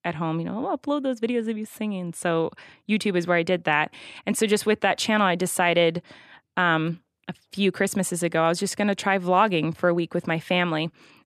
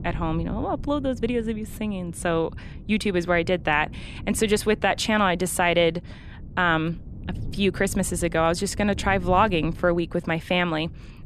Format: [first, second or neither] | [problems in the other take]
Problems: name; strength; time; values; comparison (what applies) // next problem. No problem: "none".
first | wind noise on the microphone; occasional gusts; 25 dB below the speech